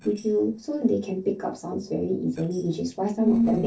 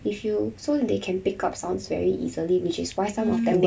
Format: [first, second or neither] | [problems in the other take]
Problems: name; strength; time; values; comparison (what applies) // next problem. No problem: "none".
second | noise reduction (neural separator model SepFormer DNS4)